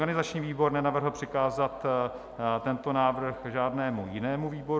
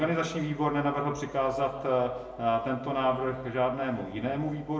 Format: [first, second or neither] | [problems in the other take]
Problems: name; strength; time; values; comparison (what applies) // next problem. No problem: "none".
first | room echo; dies away in 0.7 s